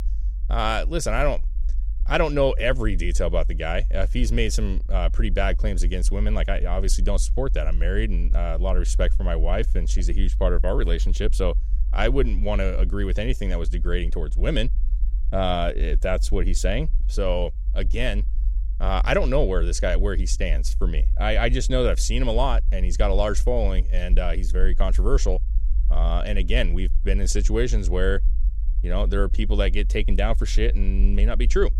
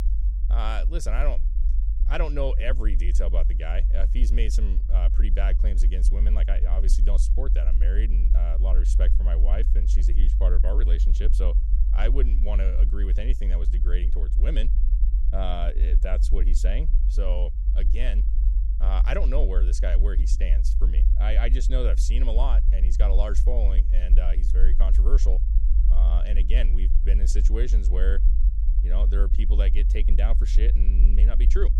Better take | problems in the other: first | low rumble; loud; throughout; 10 dB below the speech; faint in the first

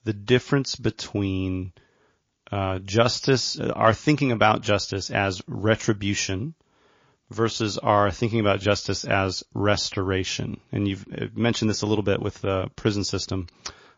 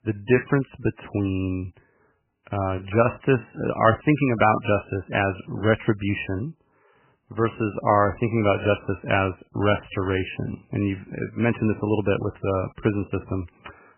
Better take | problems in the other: first | garbled, watery; badly; nothing above 3 kHz; slightly in the first

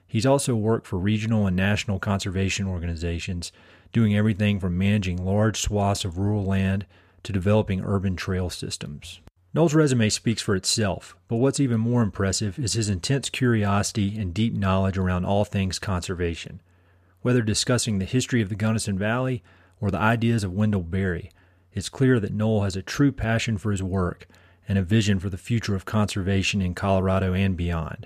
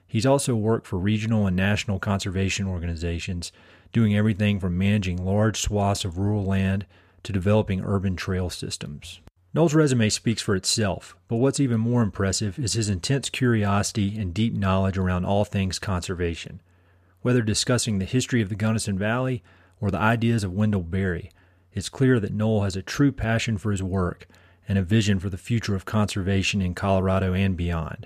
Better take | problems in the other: neither | none

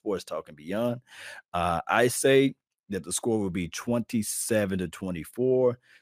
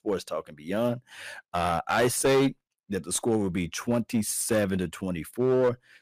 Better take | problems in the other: first | distortion; slight; 6% of the sound clipped

